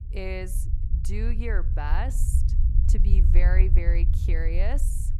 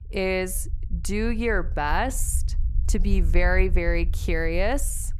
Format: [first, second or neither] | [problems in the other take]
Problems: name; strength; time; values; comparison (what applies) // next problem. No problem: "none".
second | low rumble; loud; throughout; 8 dB below the speech; faint in the second